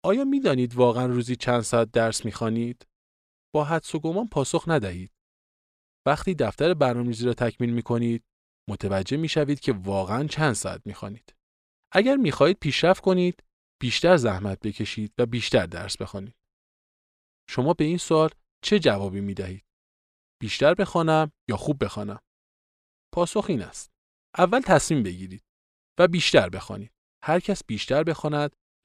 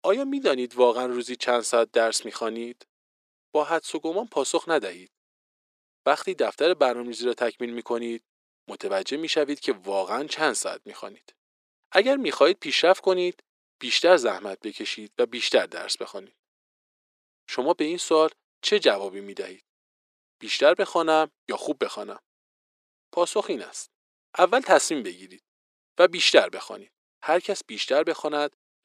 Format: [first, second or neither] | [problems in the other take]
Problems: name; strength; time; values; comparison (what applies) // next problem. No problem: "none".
first | thin; somewhat; fading below 300 Hz